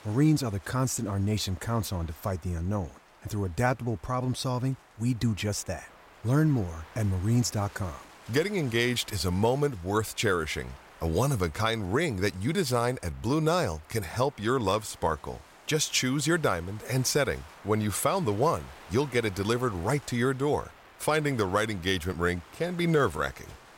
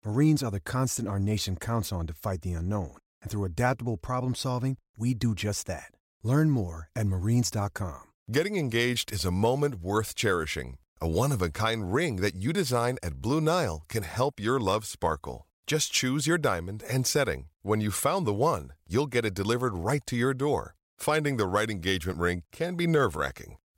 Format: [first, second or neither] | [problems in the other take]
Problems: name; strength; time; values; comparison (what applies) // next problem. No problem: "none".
second | wind noise on the microphone; occasional gusts; 20 dB below the speech